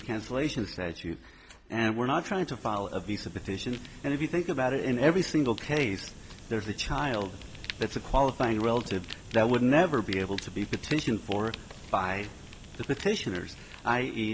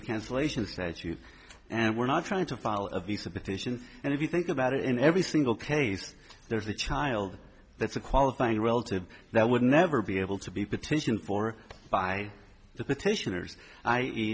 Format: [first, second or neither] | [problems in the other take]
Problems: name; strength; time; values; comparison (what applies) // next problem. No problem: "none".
second | background sound (Fire); 16 dB below the speech